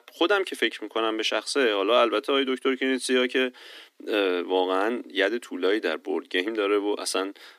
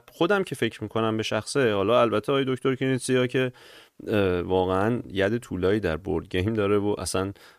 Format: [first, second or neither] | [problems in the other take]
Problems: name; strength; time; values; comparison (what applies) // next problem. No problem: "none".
second | thin; very slightly; fading below 250 Hz